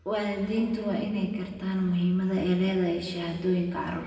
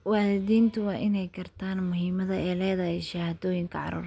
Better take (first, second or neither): second